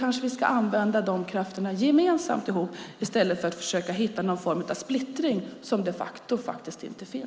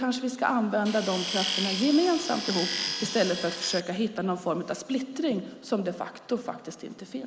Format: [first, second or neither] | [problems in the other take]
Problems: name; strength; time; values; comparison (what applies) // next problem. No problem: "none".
first | background sound (Tools); 4 dB below the speech